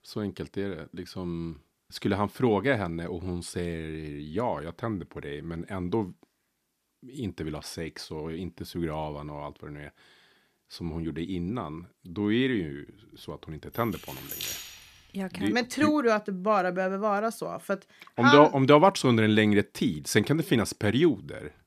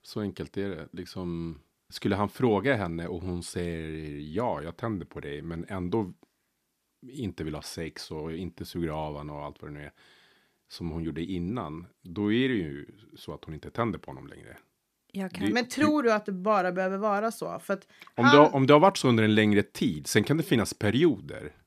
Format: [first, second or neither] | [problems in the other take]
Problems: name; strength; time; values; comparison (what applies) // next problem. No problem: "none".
second | jangling keys; noticeable; from 14 to 15 s; peak 6 dB below the speech